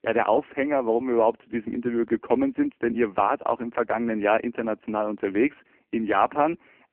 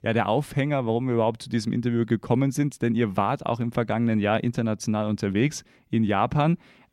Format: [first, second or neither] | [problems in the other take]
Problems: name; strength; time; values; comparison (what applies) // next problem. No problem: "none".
second | phone-call audio; poor line